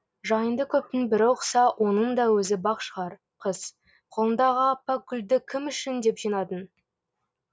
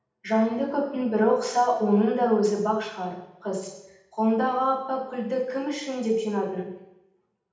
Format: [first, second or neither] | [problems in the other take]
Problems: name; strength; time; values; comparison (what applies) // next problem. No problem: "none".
first | room echo; dies away in 0.8 s